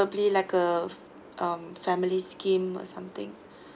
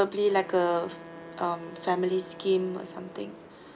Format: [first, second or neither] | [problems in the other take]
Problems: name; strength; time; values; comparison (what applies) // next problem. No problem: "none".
first | background sound (Wind instrument, woodwind instrument); 17 dB below the speech